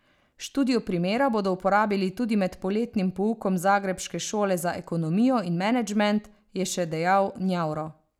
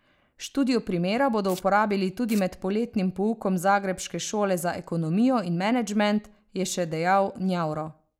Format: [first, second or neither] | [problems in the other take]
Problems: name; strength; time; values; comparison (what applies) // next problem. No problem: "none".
first | noise reduction (neural mask model Resemble Enhance denoiser)